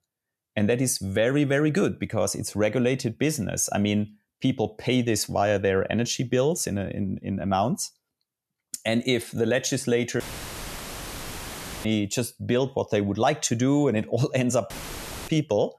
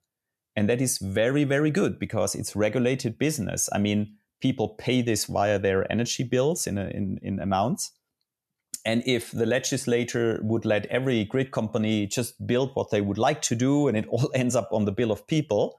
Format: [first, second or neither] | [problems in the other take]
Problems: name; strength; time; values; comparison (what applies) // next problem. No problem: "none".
second | audio cutting out; filled with static; at 10 s for 1.5 s and at 15 s for 0.5 s